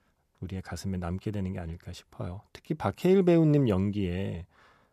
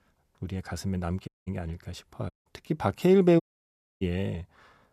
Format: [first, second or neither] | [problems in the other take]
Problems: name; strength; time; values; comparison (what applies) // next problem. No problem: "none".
first | audio cutting out; at 1.5 s, at 2.5 s and at 3.5 s for 0.5 s